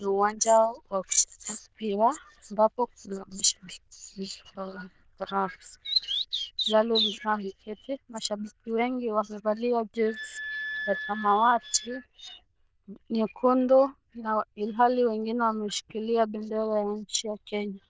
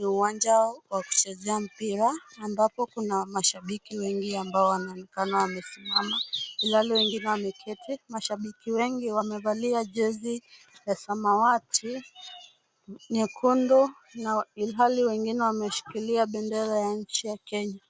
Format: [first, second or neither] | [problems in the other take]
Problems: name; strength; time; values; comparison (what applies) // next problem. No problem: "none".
second | noise reduction (neural diffusion model UNIVERSE++)